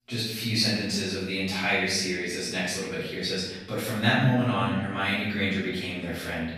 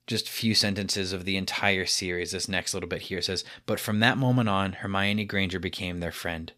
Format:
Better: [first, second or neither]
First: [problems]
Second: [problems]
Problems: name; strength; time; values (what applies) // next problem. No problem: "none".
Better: second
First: room echo; noticeable; dies away in 1 s // off-mic speech; far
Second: none